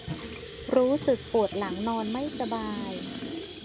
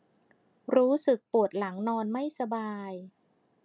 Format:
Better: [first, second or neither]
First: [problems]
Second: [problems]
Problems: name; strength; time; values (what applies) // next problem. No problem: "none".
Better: second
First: background sound (Sink (filling or washing) / Water tap, faucet); 9 dB below the speech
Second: none